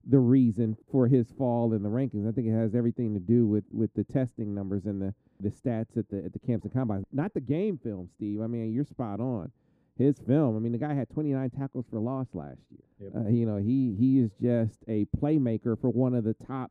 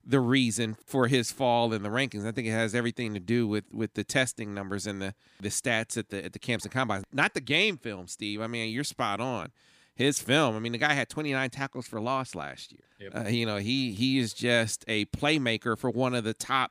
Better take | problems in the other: second | muffled; very; fading above 1 kHz

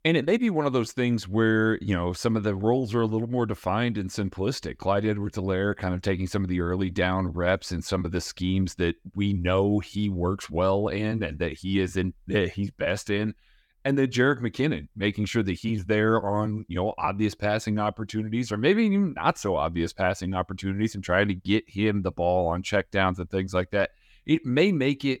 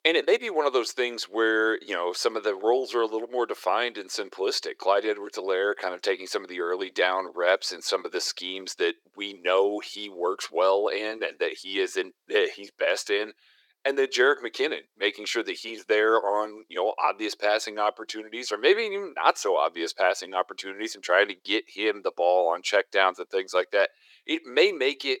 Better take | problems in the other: first | thin; very; fading below 400 Hz

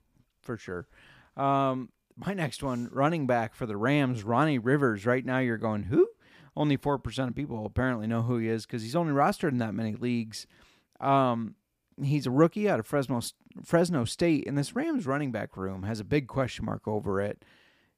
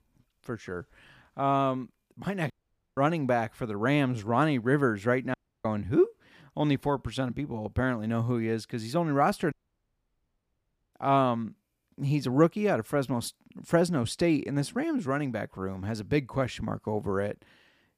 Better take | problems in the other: first | audio cutting out; at 2.5 s, at 5.5 s and at 9.5 s for 1.5 s

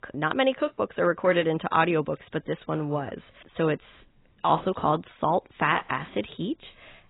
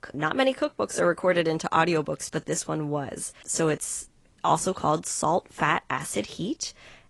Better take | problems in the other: second | garbled, watery; badly; nothing above 4 kHz; slightly in the second

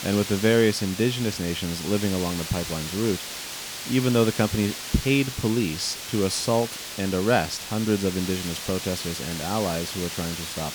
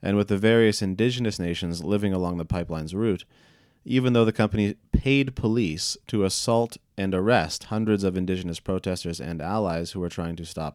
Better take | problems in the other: second | hiss; loud; throughout; 7 dB below the speech

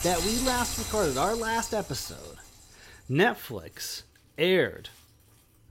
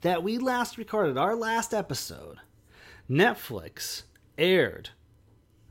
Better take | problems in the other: second | household noises; loud; throughout; 4 dB below the speech

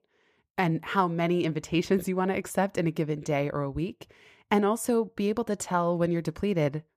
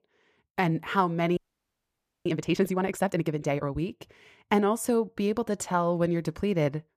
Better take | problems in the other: first | audio freezing; at 1.5 s for 1 s

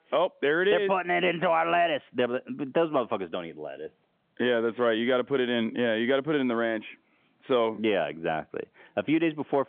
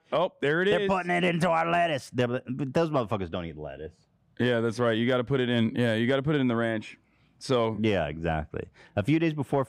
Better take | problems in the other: second | phone-call audio; nothing above 3.5 kHz

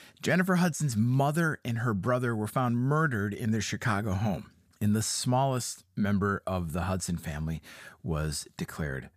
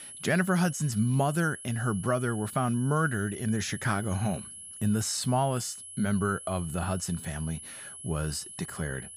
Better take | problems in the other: first | high-pitched whine; noticeable; throughout; 10.5 kHz, 10 dB below the speech

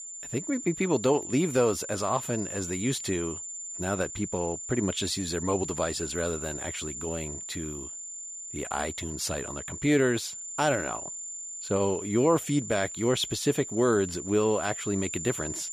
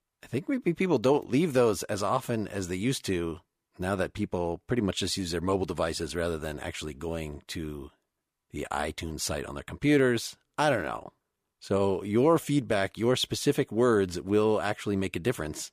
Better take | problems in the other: second | high-pitched whine; loud; throughout; 7 kHz, 7 dB below the speech

